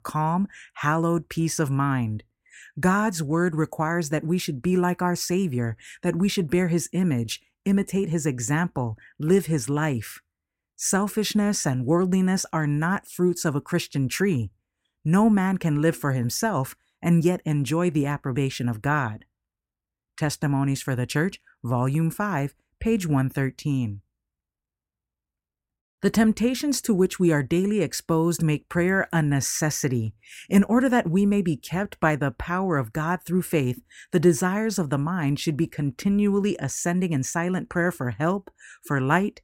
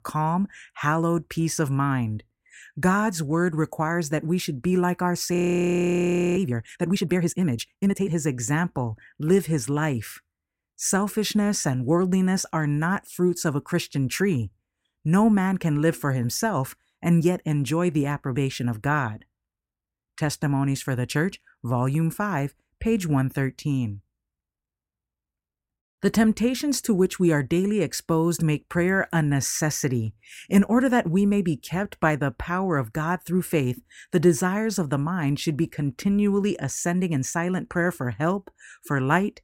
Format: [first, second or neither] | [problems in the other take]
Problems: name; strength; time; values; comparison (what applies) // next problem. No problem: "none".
first | audio freezing; at 5.5 s for 1 s